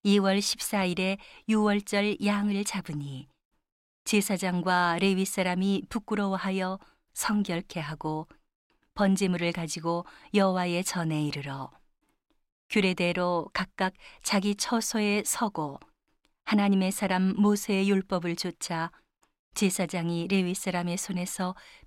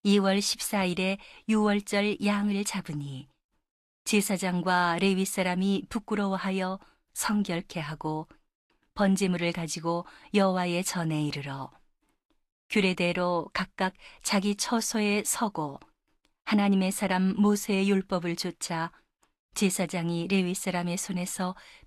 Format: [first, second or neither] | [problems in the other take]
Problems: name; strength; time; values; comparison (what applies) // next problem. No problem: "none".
first | garbled, watery; slightly; nothing above 12.5 kHz